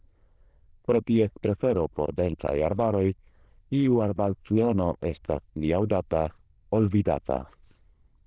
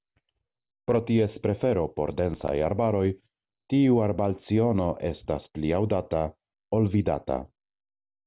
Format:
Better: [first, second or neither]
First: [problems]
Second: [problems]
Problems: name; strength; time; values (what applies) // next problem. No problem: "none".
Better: second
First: noise reduction (neural diffusion model UNIVERSE++)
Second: none